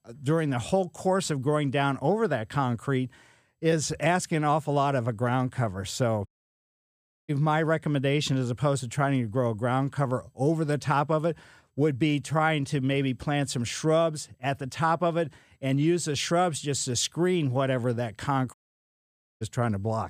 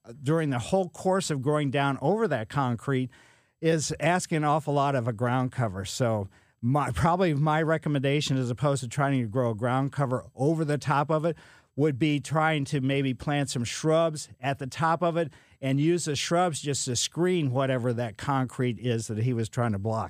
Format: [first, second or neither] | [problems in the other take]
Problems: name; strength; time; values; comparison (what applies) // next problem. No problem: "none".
second | audio cutting out; at 6.5 s for 1 s and at 19 s for 1 s